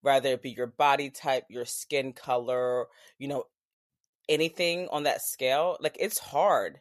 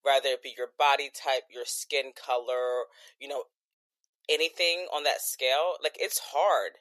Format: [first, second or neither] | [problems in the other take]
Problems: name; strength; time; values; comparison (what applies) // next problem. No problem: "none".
first | thin; very; fading below 400 Hz